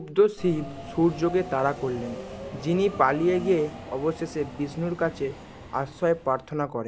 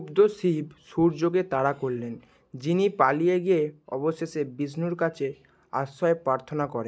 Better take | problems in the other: second | background sound (Subway, metro, underground); 13 dB below the speech

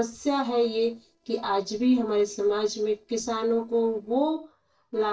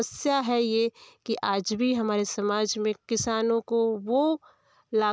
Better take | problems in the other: second | noise reduction (neural separator model SepFormer DNS4)

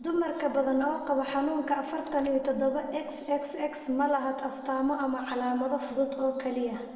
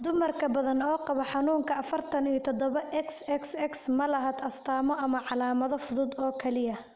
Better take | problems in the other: second | noise reduction (neural separator model SepFormer DNS4)

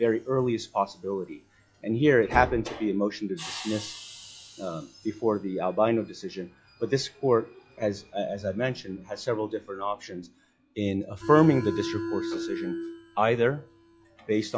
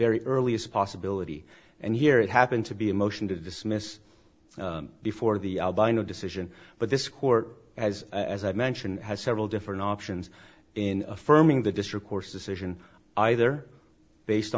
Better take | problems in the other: second | noise reduction (classical method log-MMSE)

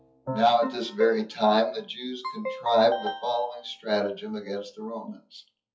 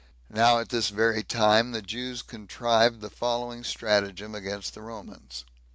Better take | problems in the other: second | noise reduction (classical method WPE with log-MMSE)

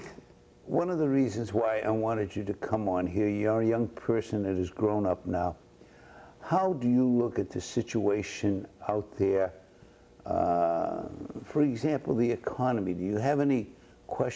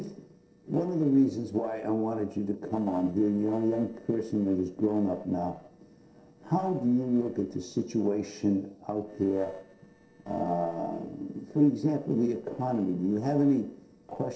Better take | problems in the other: first | noise reduction (neural separator model SepFormer DNS4)

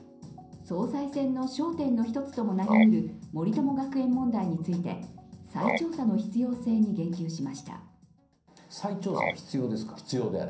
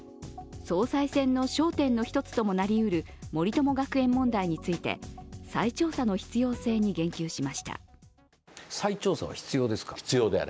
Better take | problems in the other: second | background sound (Frog); 9 dB below the speech // room echo; dies away in 0.6 s

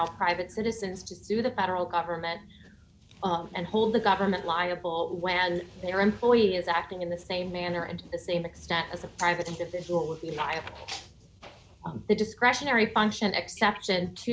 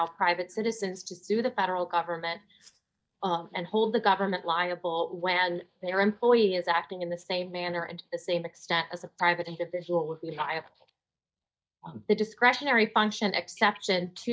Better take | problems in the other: first | noise reduction (neural mask model DeepFilterNet 3)

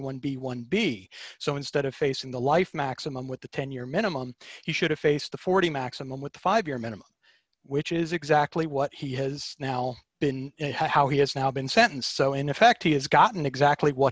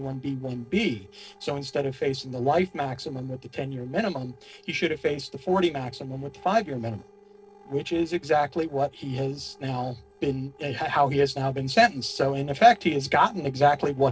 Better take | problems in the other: first | noise reduction (neural separator model SepFormer DNS4)

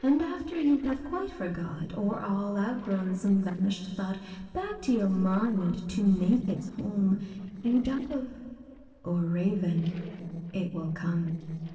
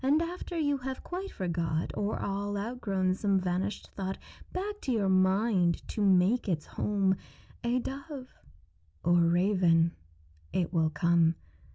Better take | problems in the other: second | noise reduction (neural separator model SepFormer DNS4)

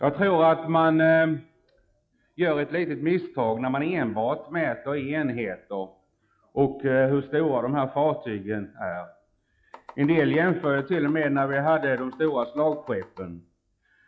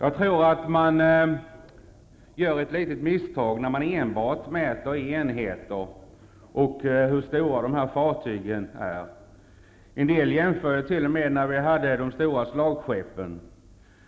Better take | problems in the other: second | noise reduction (classical method log-MMSE)

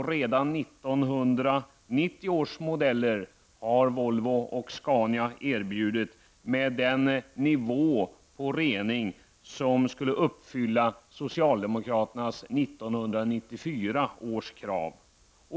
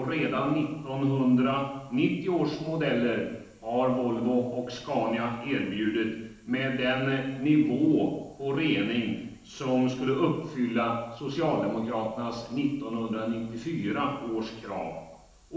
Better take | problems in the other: first | room echo; dies away in 0.9 s

